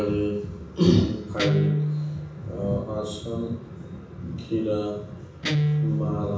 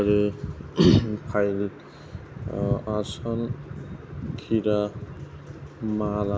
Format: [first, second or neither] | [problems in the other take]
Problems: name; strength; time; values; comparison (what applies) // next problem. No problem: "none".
second | background sound (Guitar); 2 dB below the speech // room echo; dies away in 0.7 s